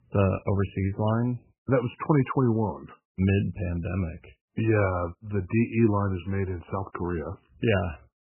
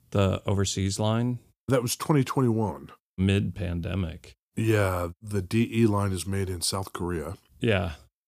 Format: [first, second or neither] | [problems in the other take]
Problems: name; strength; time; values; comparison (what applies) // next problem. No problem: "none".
second | garbled, watery; badly; nothing above 3 kHz